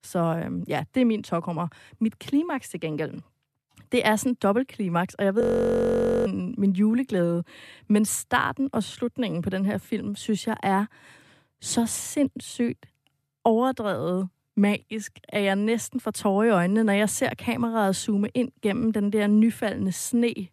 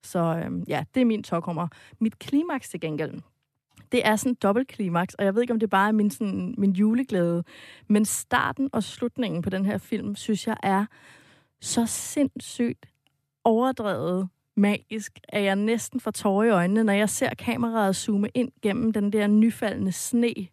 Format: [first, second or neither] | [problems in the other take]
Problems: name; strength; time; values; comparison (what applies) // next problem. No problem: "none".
second | audio freezing; at 5.5 s for 1 s